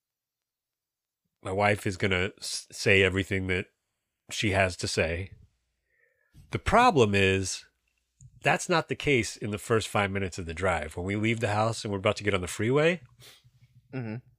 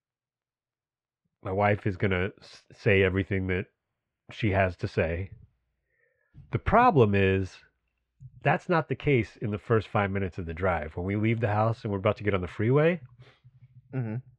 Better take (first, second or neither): first